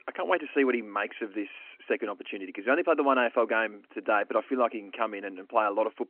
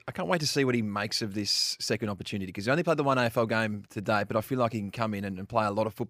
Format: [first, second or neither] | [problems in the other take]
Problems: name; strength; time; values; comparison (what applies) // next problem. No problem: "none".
second | phone-call audio